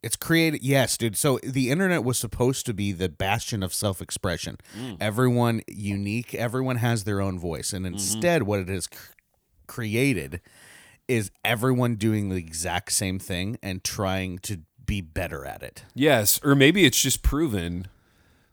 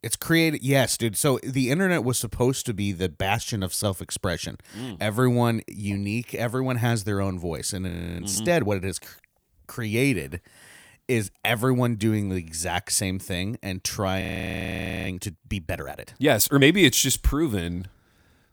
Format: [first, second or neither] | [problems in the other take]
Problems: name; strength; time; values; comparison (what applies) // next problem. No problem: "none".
first | audio freezing; at 8 s and at 14 s for 1 s